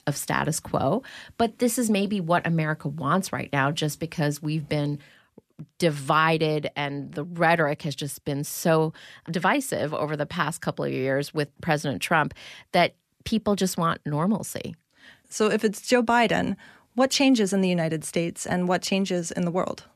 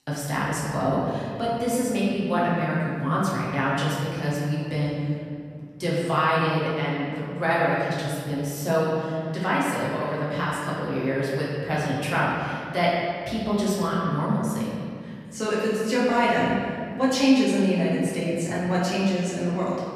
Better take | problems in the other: first | off-mic speech; far // room echo; strong; dies away in 2.1 s

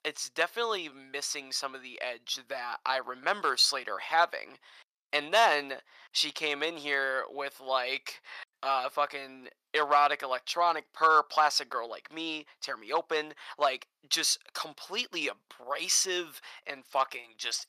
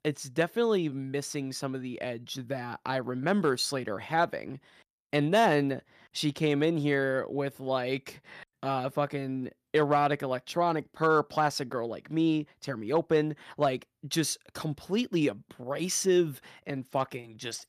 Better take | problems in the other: second | thin; very; fading below 800 Hz

